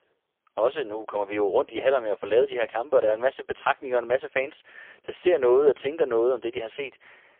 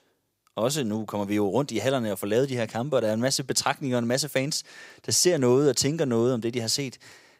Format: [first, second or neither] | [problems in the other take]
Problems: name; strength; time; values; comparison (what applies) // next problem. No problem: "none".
second | phone-call audio; poor line; nothing above 3.5 kHz